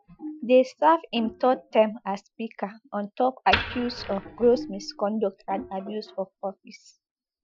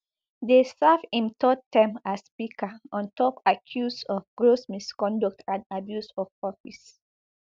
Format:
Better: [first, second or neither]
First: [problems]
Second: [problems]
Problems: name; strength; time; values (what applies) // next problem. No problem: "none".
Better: second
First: noise reduction (classical method Wiener filter)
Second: none